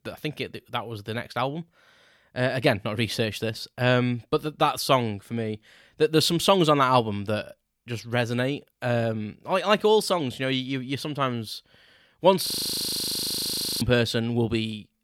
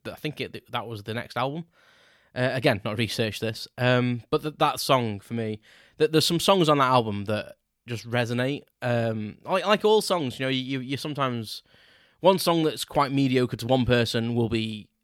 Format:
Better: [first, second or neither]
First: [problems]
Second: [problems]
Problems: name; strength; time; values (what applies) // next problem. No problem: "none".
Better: second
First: audio freezing; at 12 s for 1.5 s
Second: none